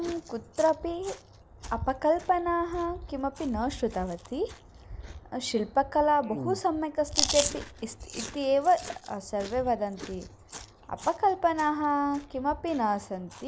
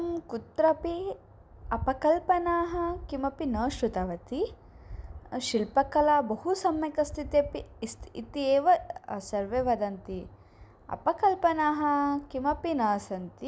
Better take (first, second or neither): second